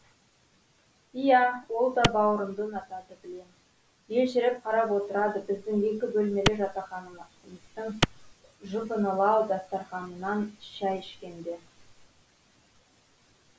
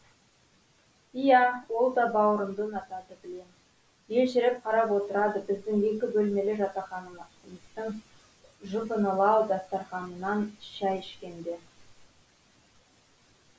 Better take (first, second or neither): second